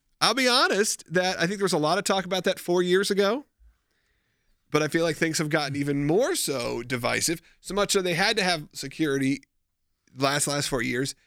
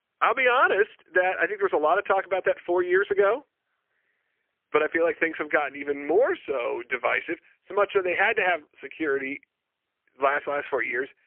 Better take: first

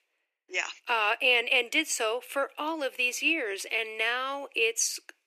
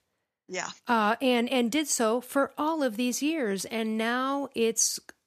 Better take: second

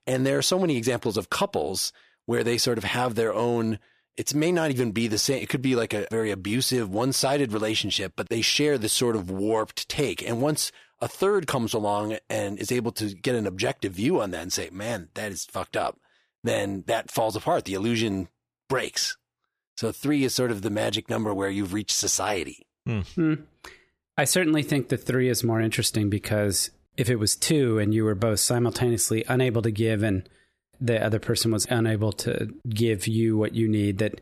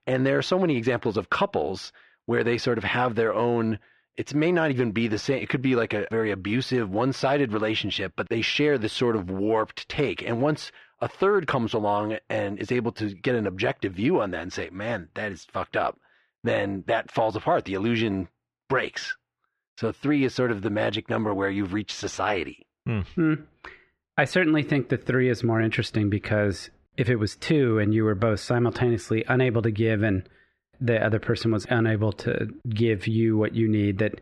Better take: first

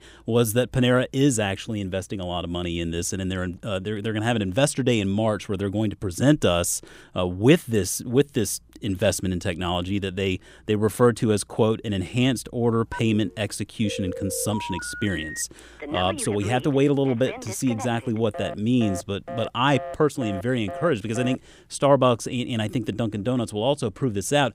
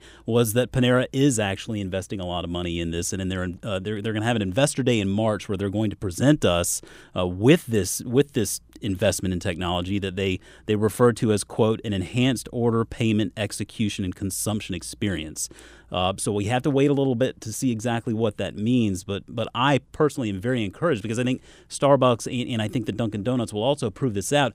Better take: second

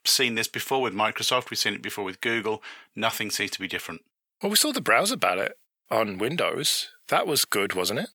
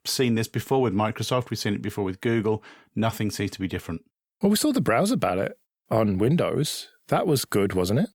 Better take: second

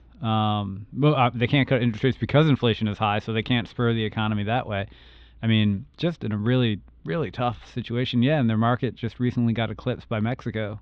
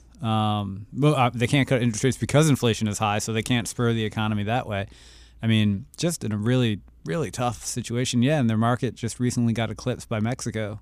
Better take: second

